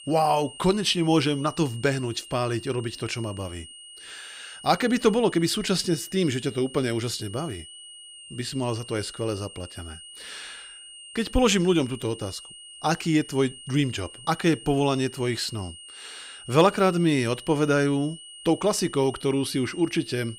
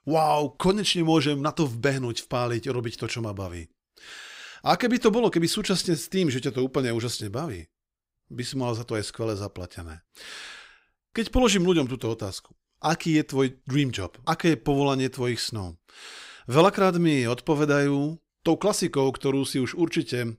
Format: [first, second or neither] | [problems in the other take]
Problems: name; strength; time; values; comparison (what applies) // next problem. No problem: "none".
second | high-pitched whine; noticeable; throughout; 3 kHz, 15 dB below the speech